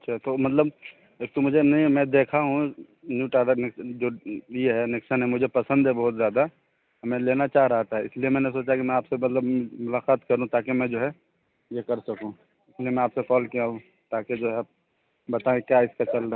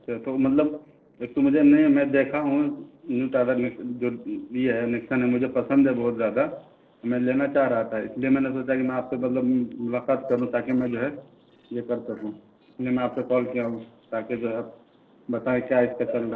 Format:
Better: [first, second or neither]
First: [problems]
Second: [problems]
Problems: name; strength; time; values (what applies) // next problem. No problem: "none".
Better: first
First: none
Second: noise reduction (neural separator model SepFormer DNS4)